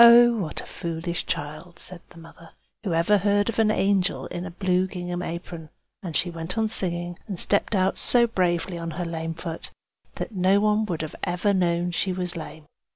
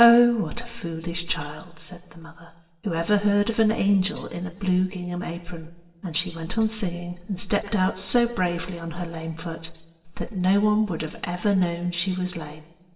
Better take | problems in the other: first | room echo; dies away in 1.1 s

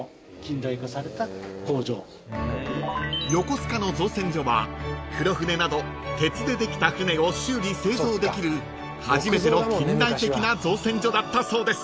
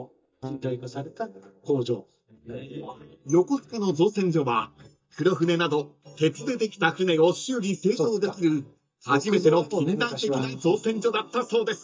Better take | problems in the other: first | noise reduction (neural mask model DeepFilterNet 3)

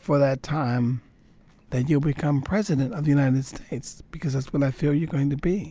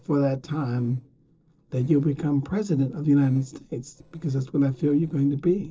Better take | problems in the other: first | noise reduction (neural separator model SepFormer DNS4)

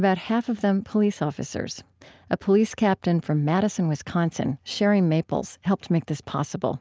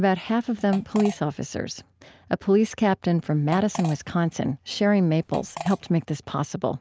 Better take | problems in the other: first | background sound (Fart); 14 dB below the speech

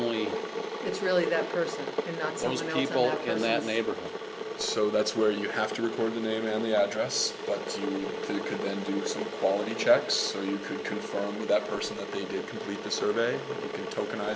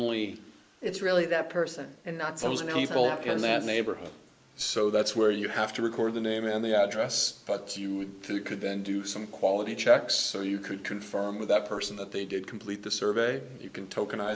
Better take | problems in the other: second | background sound (Boiling / Water); 6 dB below the speech

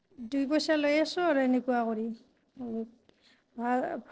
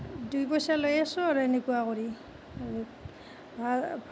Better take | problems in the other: second | noise reduction (neural separator model SepFormer DNS4)

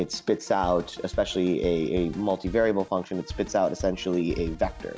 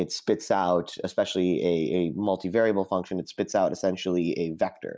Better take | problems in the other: second | background sound (Drum kit); 14 dB below the speech

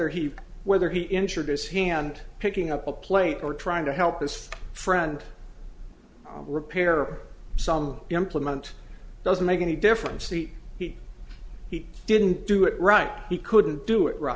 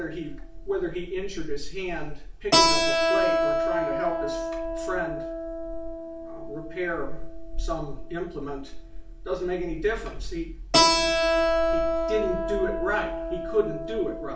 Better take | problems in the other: first | background sound (Keyboard (musical)); 2 dB above the speech // room echo; dies away in 0.3 s

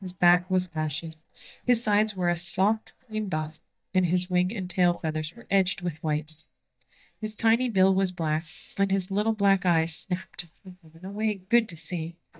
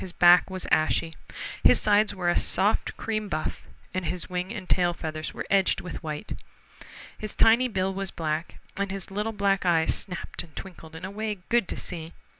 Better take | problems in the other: second | noise reduction (neural mask model DeepFilterNet 3)

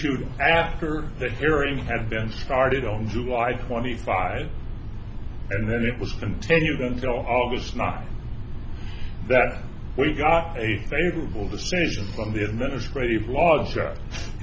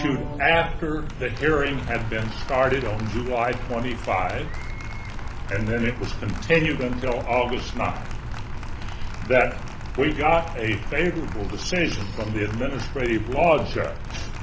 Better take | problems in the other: first | background sound (Applause); 17 dB below the speech

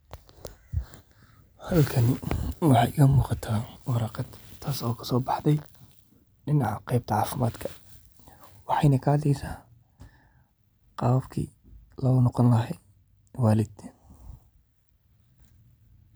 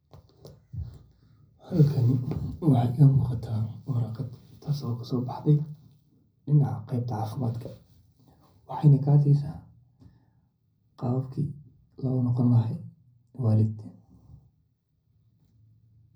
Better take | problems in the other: first | room echo; dies away in 0.4 s

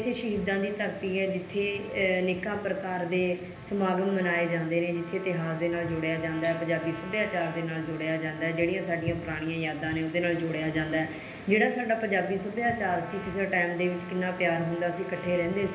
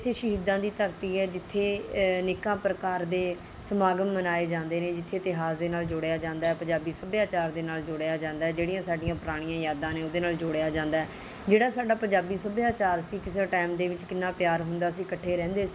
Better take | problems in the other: second | background sound (Trumpet); 19 dB below the speech // room echo; dies away in 0.8 s

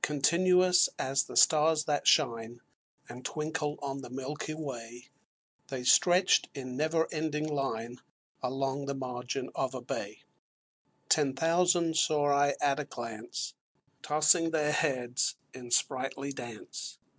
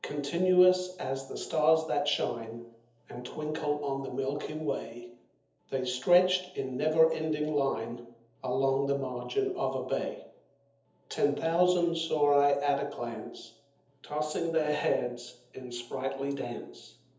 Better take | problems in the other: first | room echo; dies away in 0.7 s

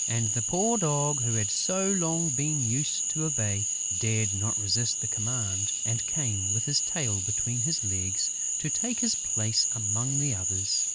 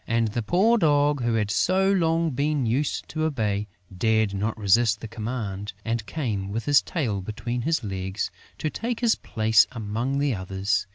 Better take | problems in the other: second | background sound (Cricket / Frog); 2 dB above the speech

